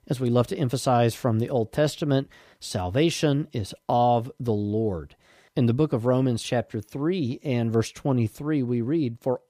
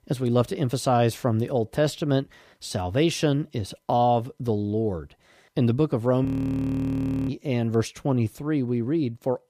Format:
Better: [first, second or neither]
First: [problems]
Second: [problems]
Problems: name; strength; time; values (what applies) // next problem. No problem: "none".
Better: first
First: none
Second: audio freezing; at 6.5 s for 1 s